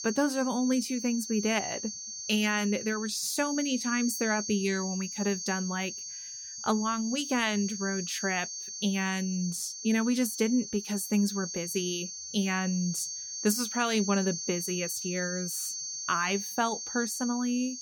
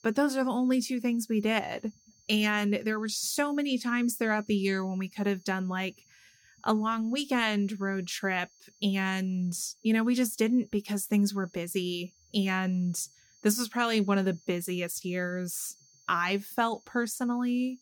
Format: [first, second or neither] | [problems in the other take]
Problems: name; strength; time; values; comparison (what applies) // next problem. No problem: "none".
second | high-pitched whine; loud; throughout; 6.5 kHz, 6 dB below the speech; faint in the second